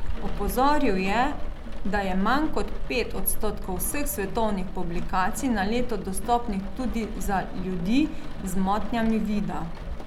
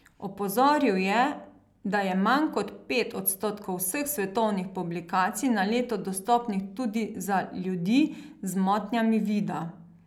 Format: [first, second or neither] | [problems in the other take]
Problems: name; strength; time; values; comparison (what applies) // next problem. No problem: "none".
second | background sound (Rain); as loud as the speech